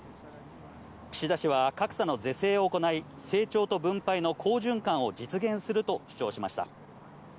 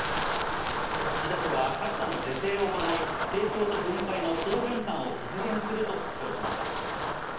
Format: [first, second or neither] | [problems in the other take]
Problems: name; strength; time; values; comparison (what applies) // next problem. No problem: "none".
first | background sound (Wind); as loud as the speech // room echo; dies away in 0.9 s